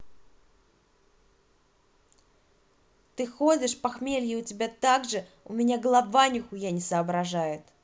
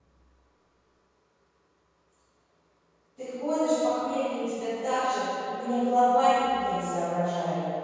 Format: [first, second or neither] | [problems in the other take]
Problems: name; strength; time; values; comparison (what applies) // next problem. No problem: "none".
first | room echo; dies away in 2.2 s